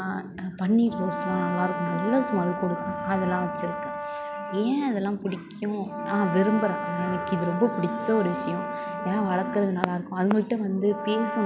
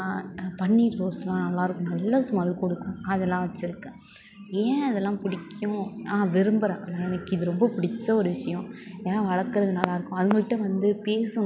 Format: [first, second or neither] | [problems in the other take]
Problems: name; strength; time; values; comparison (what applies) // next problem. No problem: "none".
second | background sound (Brass instrument); 7 dB below the speech